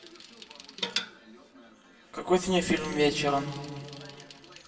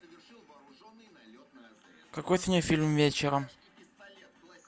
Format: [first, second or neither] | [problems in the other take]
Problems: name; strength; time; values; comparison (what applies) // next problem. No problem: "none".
second | background sound (Bicycle); 12 dB below the speech // room echo; dies away in 1.8 s